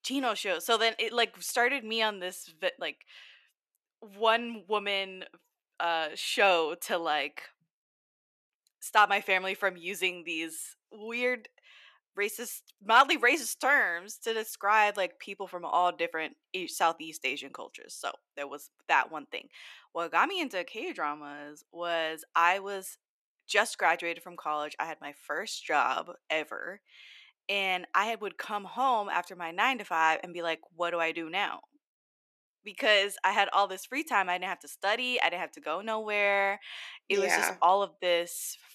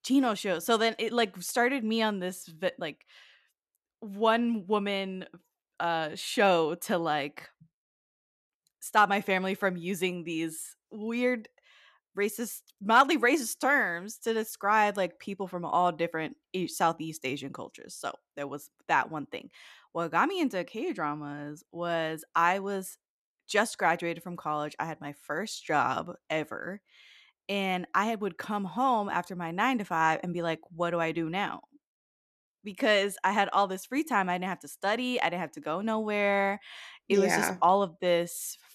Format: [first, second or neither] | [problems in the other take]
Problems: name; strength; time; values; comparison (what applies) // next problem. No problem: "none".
second | thin; somewhat; fading below 450 Hz